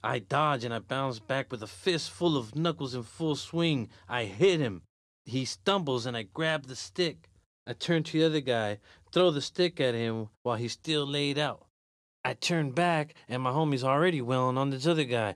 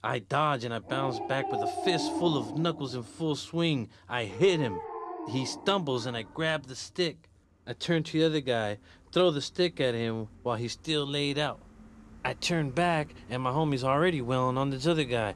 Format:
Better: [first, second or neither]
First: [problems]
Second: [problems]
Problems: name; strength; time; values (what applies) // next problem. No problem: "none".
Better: first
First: none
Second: animal sounds; loud; throughout; 9 dB below the speech